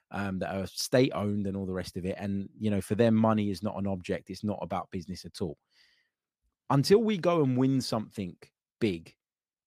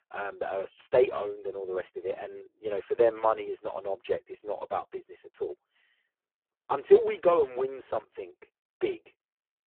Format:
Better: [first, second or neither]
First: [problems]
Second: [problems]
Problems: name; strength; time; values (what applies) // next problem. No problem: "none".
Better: first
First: none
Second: phone-call audio; poor line; nothing above 3.5 kHz